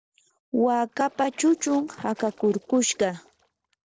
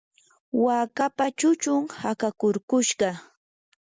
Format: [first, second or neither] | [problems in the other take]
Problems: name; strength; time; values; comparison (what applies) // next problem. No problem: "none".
second | noise reduction (neural separator model SepFormer DNS4)